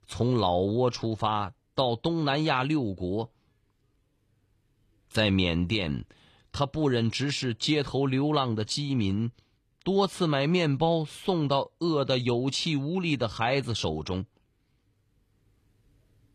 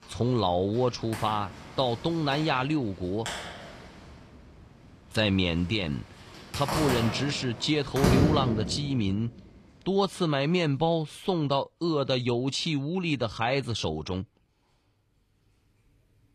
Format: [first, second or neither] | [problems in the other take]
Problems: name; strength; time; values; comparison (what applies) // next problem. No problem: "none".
first | household noises; loud; throughout; 5 dB below the speech